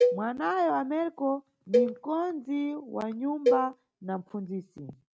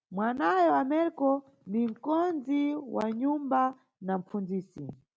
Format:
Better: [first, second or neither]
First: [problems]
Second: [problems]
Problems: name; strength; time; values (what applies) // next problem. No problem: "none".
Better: second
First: noise reduction (neural mask model RNNoise)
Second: none